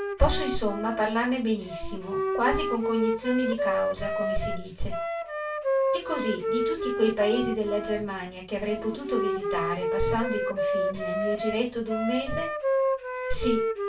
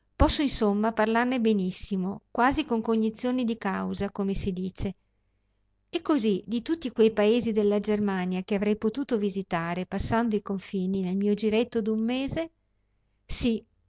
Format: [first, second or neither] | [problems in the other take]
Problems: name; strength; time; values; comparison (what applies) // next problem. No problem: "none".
second | background sound (Wind instrument, woodwind instrument); 1 dB below the speech // room echo; dies away in 0.2 s